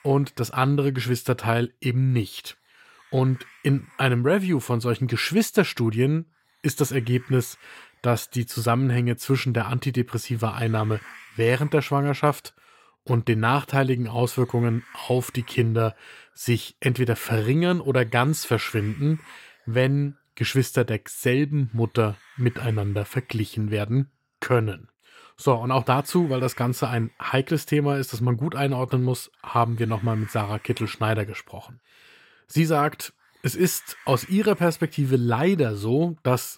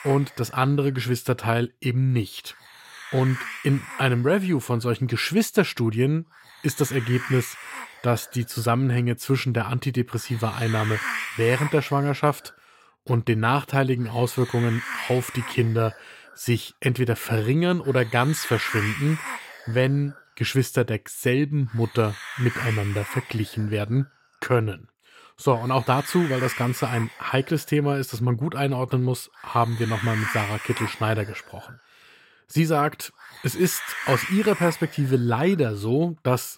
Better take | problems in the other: first | hiss; loud; throughout; 9 dB below the speech; faint in the first

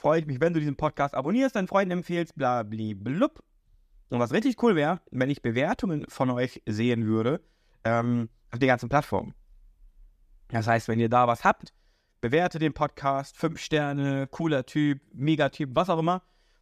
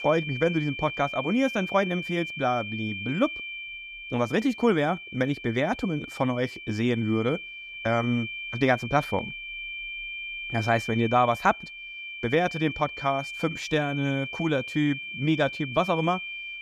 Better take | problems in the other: first | high-pitched whine; loud; throughout; 2.5 kHz, 8 dB below the speech

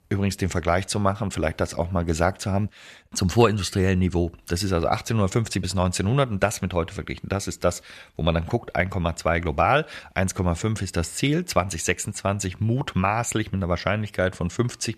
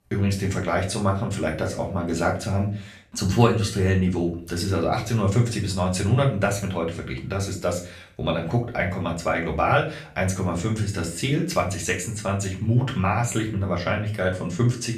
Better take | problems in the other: first | room echo; slight; dies away in 0.4 s // off-mic speech; far

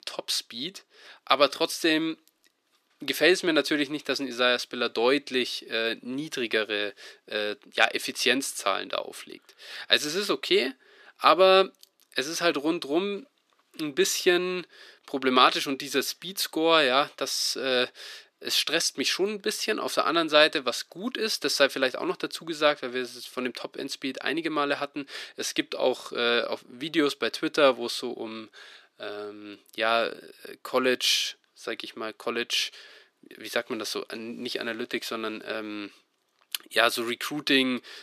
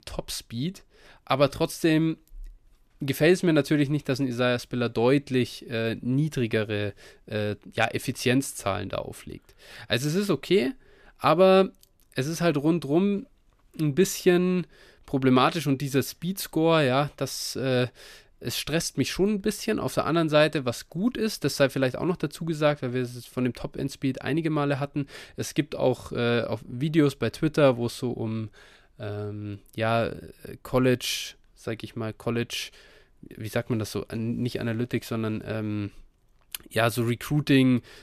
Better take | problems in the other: second | thin; somewhat; fading below 300 Hz

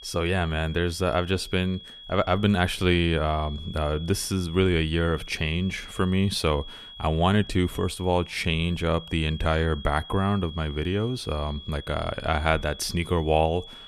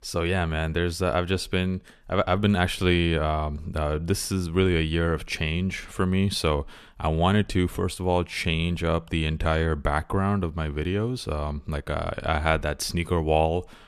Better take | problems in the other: second | high-pitched whine; noticeable; throughout; 3.5 kHz, 15 dB below the speech

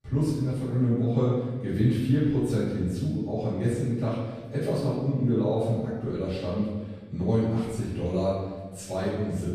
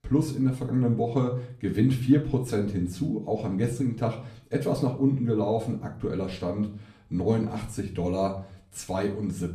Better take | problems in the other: second | room echo; strong; dies away in 1.2 s; slight in the second // off-mic speech; far; far in the second

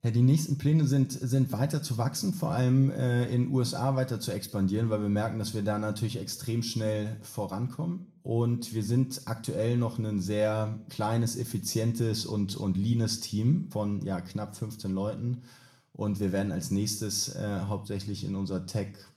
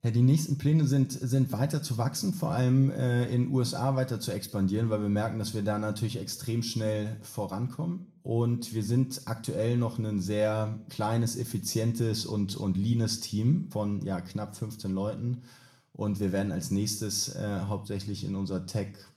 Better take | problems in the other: neither | room echo; very slight; dies away in 0.4 s; the same in both // off-mic speech; somewhat distant; the same in both

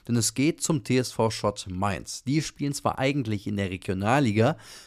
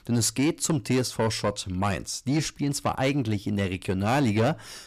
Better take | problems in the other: first | distortion; slight; 10 dB below the speech

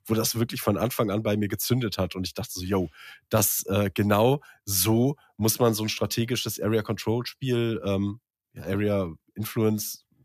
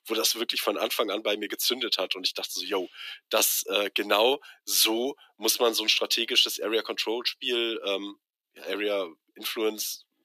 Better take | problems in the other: first | thin; very; fading below 300 Hz

